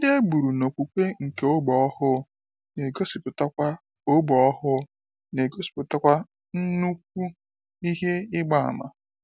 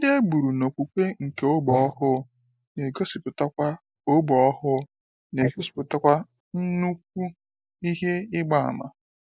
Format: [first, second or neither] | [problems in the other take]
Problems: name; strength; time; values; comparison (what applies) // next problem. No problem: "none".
first | noise reduction (neural mask model Resemble Enhance denoiser)